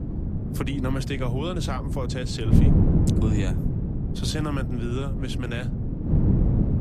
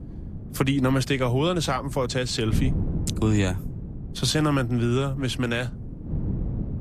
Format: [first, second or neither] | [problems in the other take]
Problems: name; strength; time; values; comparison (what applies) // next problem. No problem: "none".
second | wind noise on the microphone; heavy; 1 dB below the speech; occasional gusts in the second